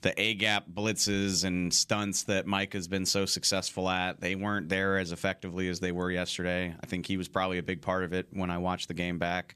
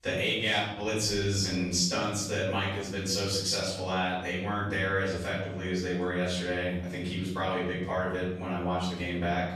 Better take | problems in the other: first | off-mic speech; far // room echo; noticeable; dies away in 0.9 s

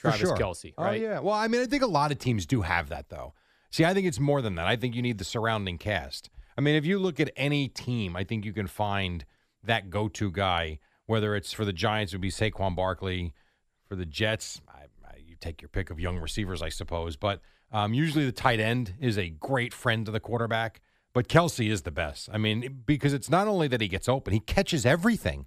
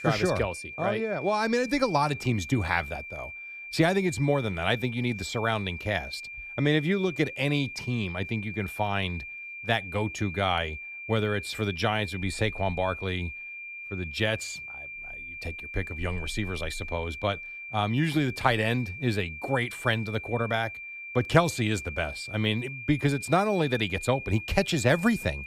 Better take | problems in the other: first | high-pitched whine; loud; throughout; 2.5 kHz, 10 dB below the speech

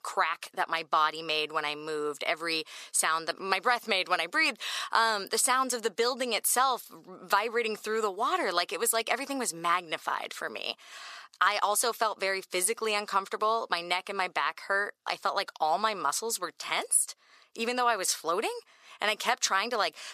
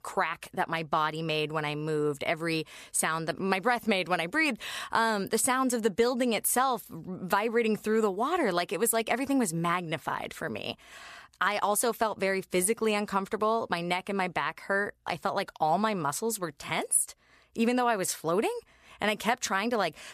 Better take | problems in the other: second | thin; somewhat; fading below 400 Hz

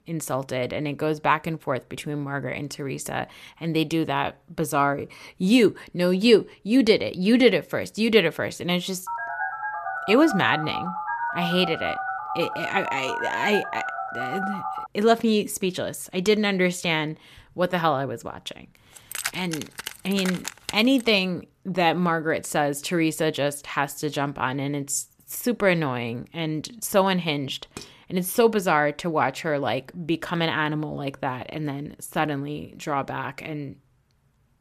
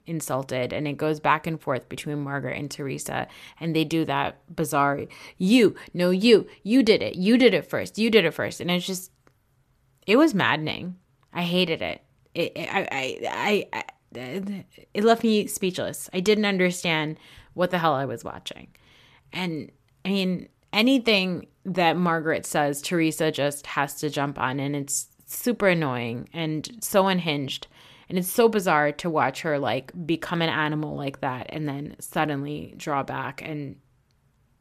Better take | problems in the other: second | phone ringing; noticeable; from 9 to 15 s; peak 3 dB below the speech // jangling keys; noticeable; from 19 to 21 s; peak 6 dB below the speech // clattering dishes; faint; at 28 s; peak 20 dB below the speech

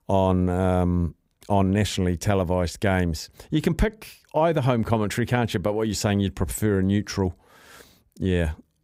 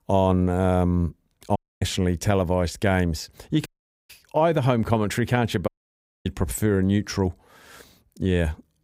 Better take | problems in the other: first | audio cutting out; at 1.5 s, at 3.5 s and at 5.5 s for 0.5 s

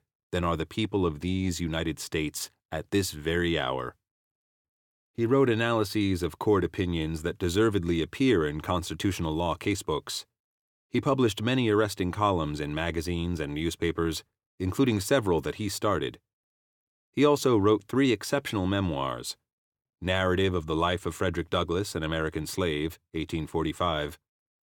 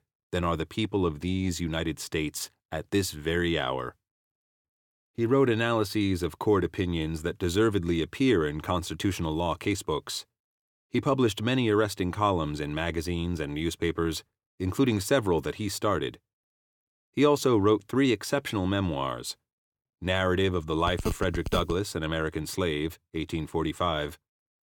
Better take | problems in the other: first | phone ringing; noticeable; at 21 s; peak 7 dB below the speech

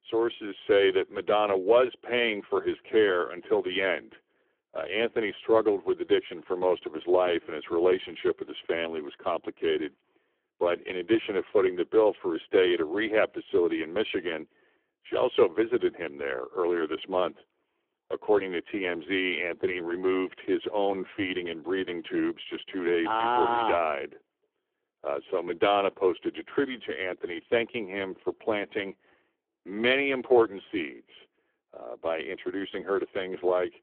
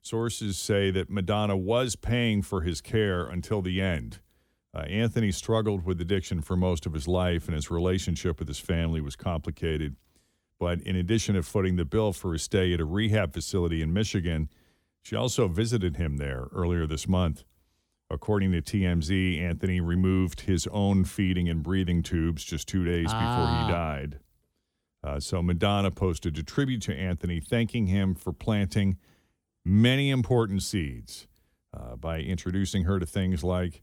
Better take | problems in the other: second | phone-call audio; poor line; nothing above 3 kHz

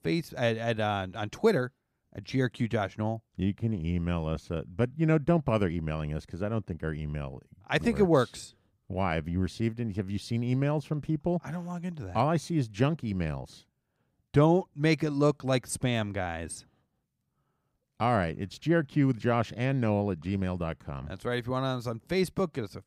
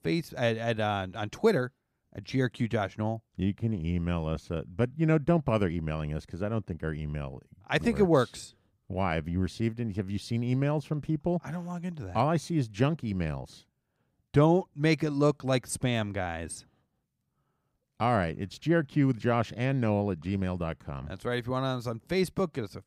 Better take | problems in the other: neither | none

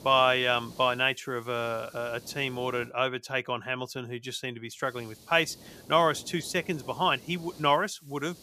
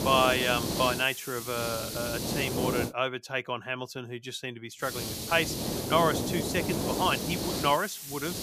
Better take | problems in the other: first | hiss; loud; until 3 s and from 5 s on; 2 dB below the speech; faint in the first

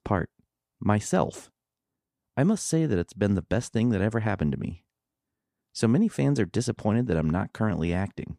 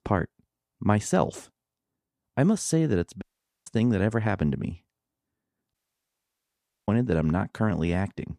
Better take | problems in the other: first | audio cutting out; at 3 s and at 5.5 s for 1 s

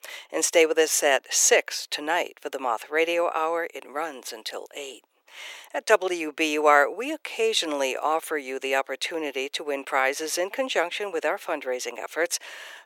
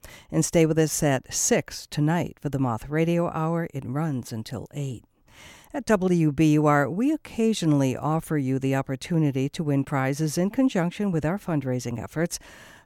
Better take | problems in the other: second | thin; very; fading below 400 Hz

